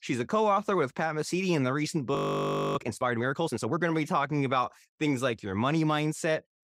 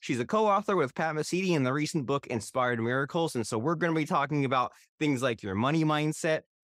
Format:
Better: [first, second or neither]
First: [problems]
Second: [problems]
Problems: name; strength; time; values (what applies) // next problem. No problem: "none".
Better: second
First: audio freezing; at 2 s for 0.5 s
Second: none